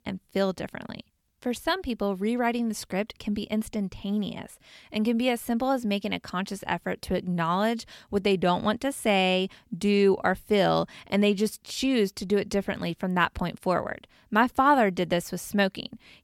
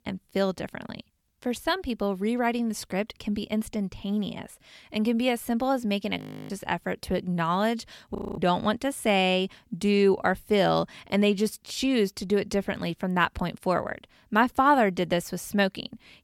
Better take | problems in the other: first | audio freezing; at 6 s and at 8 s

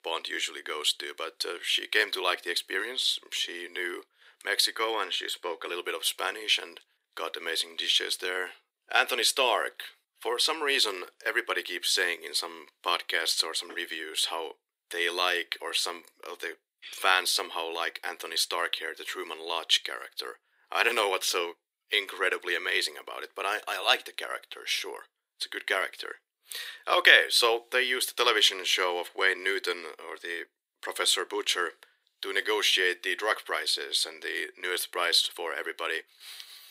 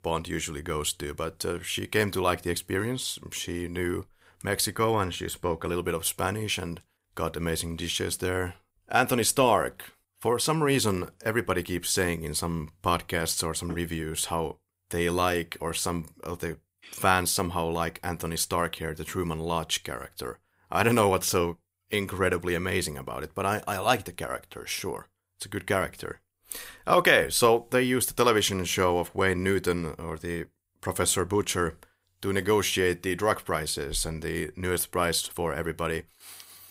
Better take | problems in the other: second | thin; very; fading below 350 Hz

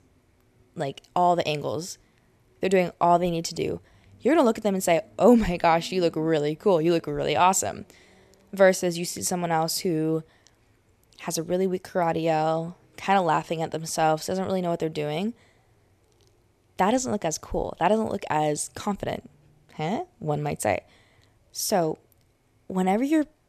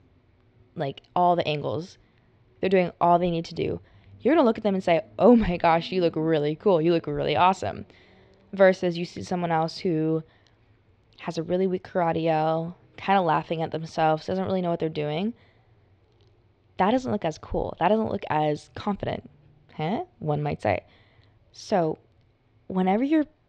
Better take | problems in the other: first | muffled; slightly; fading above 4 kHz

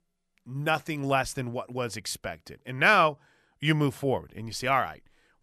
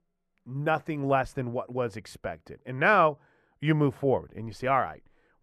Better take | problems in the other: first | muffled; slightly; fading above 2.5 kHz

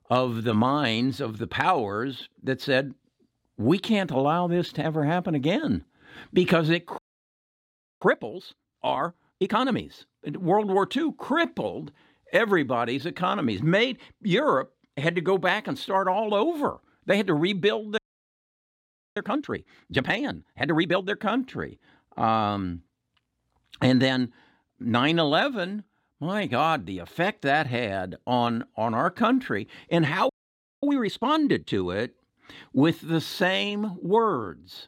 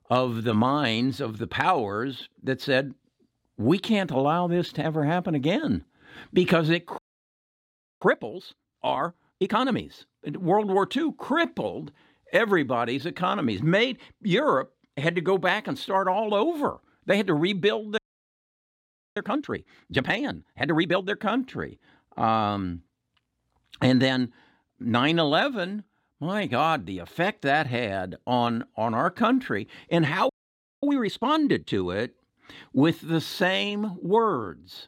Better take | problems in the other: neither | audio freezing; at 7 s for 1 s, at 18 s for 1 s and at 30 s for 0.5 s; the same in both

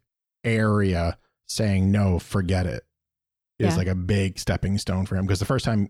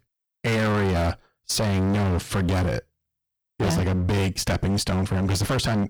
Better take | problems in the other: first | distortion; heavy; 32% of the sound clipped

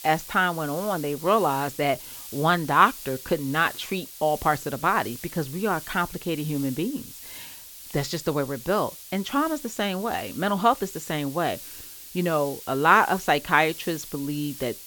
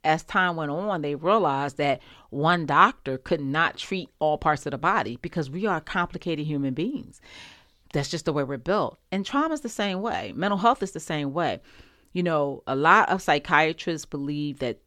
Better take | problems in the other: second | hiss; noticeable; throughout; 15 dB below the speech

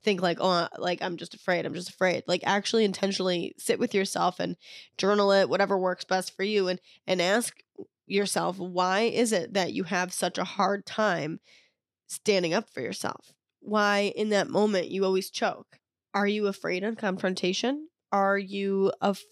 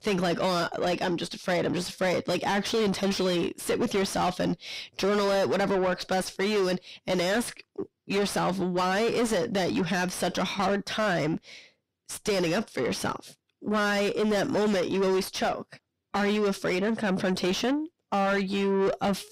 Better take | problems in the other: first | distortion; heavy; 6 dB below the speech

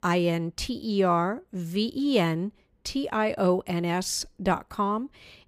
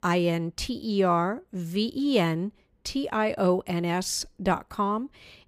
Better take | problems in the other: neither | none

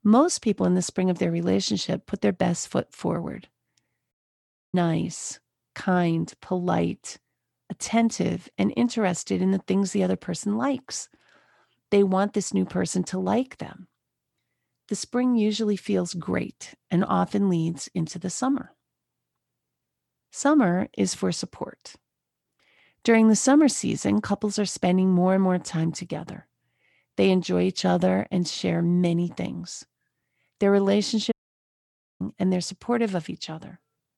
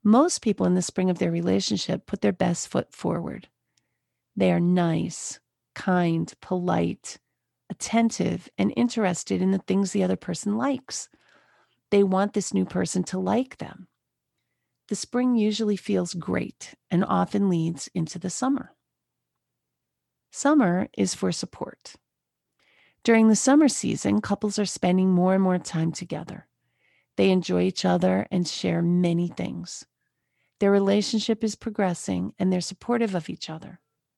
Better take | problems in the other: second | audio cutting out; at 4 s for 0.5 s and at 31 s for 1 s

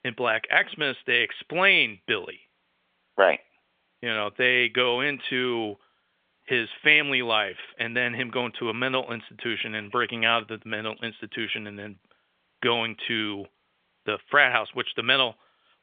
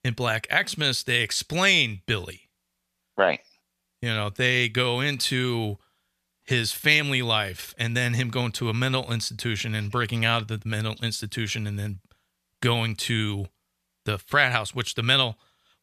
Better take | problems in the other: second | phone-call audio; nothing above 3.5 kHz

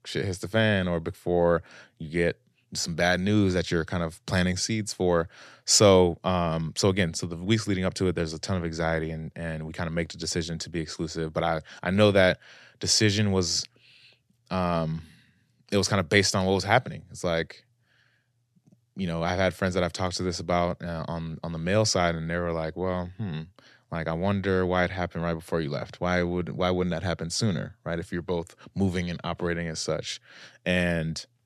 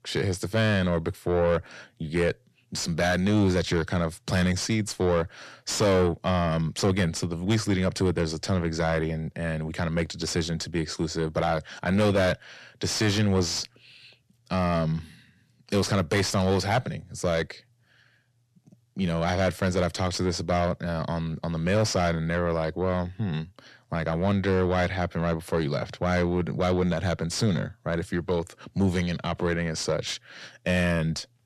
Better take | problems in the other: first | distortion; heavy; 7 dB below the speech

